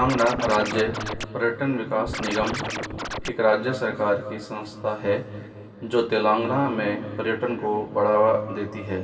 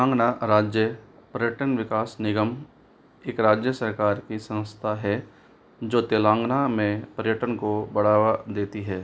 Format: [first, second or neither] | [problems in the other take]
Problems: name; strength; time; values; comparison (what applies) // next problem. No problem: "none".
second | background sound (Scratching (performance technique)); 6 dB below the speech // room echo; dies away in 2.4 s